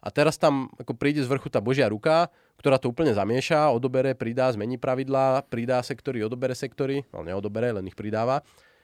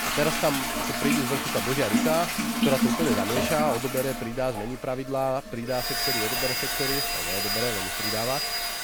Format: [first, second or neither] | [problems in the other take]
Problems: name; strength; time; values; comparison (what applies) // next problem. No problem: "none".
first | household noises; very loud; throughout; 3 dB above the speech